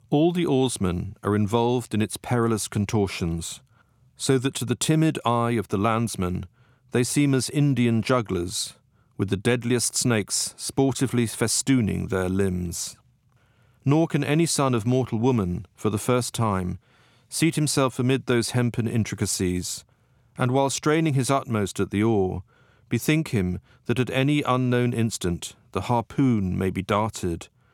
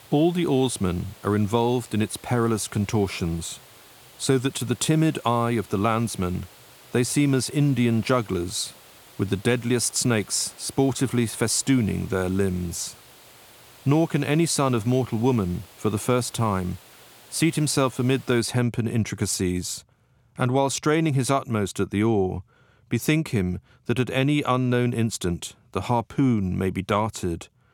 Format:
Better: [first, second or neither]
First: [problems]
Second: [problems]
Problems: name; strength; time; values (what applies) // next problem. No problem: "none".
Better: first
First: none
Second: hiss; faint; until 18 s; 25 dB below the speech